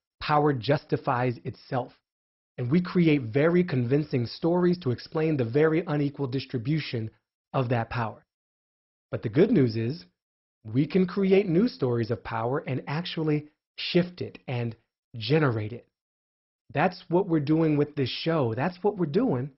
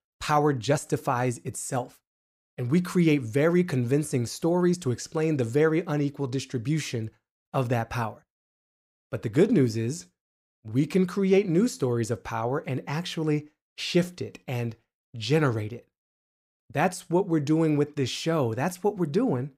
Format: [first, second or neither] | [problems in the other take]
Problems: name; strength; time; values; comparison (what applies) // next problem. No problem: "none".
second | garbled, watery; badly; nothing above 5.5 kHz